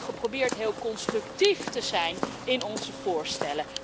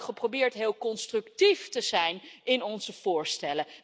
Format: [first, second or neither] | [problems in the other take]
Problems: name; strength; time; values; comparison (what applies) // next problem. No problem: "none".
second | background sound (Walk, footsteps); 7 dB below the speech